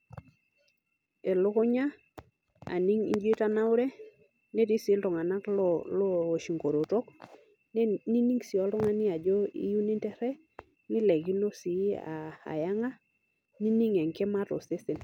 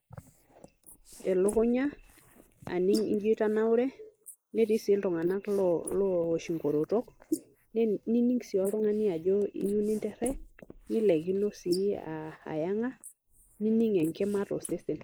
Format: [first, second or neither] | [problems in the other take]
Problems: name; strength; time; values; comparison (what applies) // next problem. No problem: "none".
first | noise reduction (neural mask model Resemble Enhance denoiser)